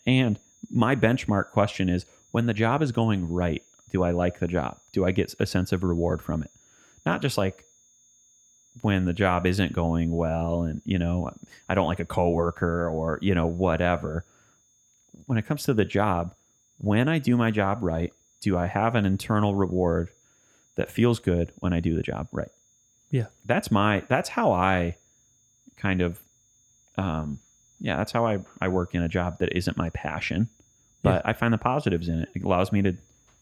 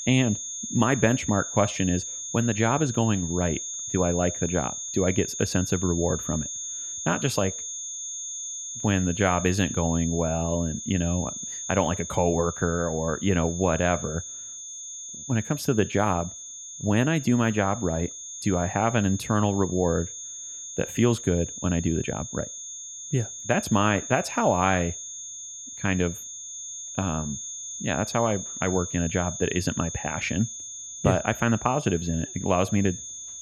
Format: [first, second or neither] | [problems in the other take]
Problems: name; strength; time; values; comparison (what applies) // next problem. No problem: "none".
first | high-pitched whine; loud; throughout; 6.5 kHz, 7 dB below the speech; faint in the first